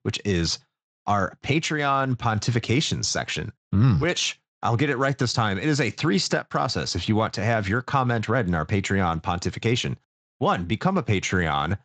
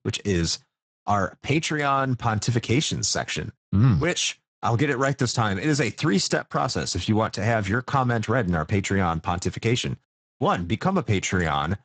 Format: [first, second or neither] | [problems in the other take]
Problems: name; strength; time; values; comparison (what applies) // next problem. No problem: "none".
first | garbled, watery; badly; nothing above 8 kHz; slightly in the first